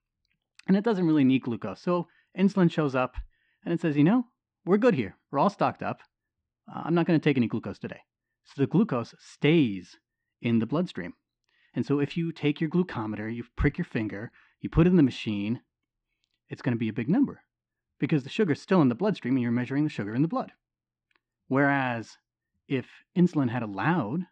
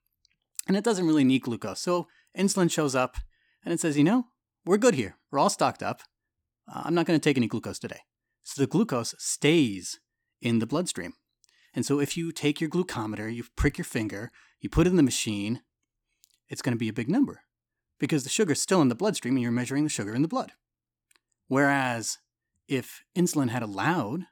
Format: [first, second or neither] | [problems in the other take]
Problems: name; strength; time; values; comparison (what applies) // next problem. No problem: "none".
second | muffled; very; fading above 3 kHz